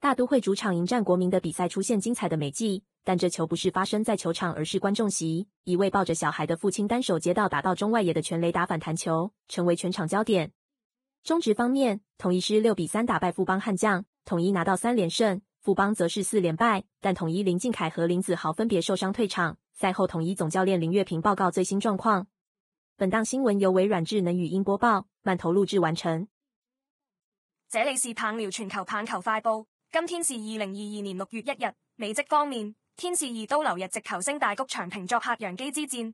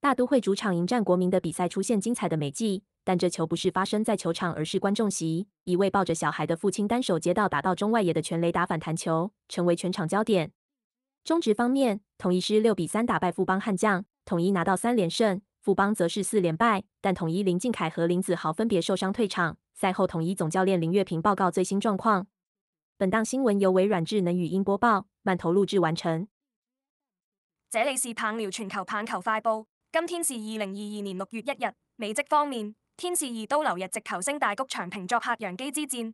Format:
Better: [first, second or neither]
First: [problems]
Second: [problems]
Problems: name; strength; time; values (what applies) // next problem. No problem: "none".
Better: second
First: garbled, watery; badly; nothing above 11 kHz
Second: none